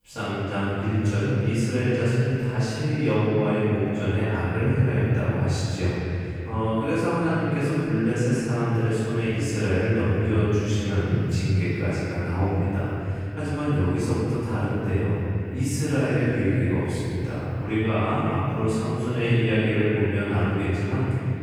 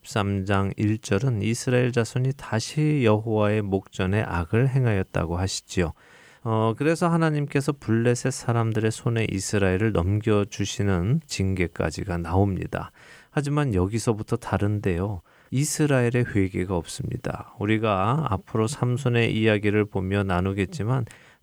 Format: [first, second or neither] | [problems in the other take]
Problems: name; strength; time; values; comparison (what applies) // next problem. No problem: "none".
second | off-mic speech; far // room echo; strong; dies away in 3 s